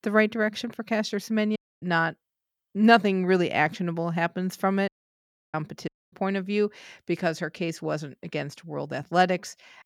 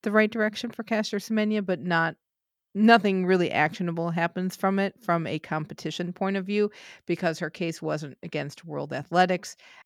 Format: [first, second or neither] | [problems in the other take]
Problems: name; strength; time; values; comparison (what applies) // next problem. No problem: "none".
second | audio cutting out; at 1.5 s, at 5 s for 0.5 s and at 6 s